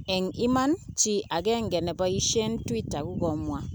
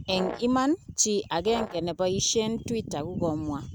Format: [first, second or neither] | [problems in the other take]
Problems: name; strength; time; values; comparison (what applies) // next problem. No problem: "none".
first | noise reduction (neural mask model RNNoise)